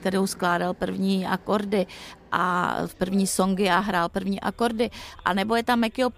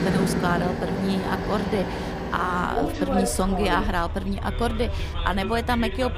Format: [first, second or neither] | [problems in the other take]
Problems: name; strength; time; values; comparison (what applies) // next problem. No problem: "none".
first | traffic noise; loud; throughout; 2 dB below the speech; faint in the first